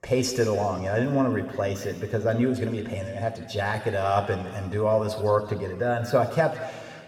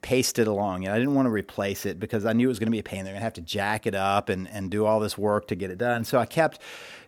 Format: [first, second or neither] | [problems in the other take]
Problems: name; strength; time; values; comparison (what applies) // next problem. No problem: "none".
second | room echo; noticeable; dies away in 1.8 s // off-mic speech; somewhat distant